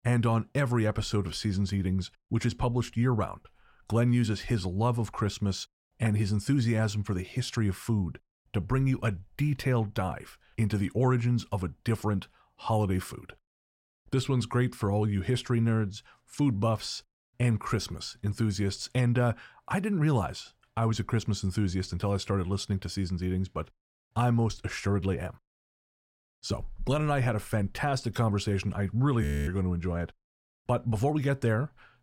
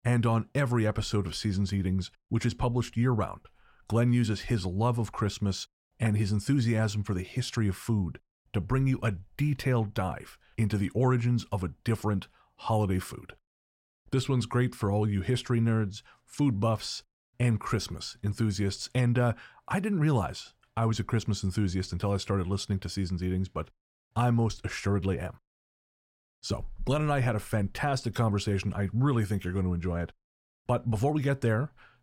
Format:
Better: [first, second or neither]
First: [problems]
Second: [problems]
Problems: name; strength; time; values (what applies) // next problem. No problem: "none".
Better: second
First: audio freezing; at 29 s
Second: none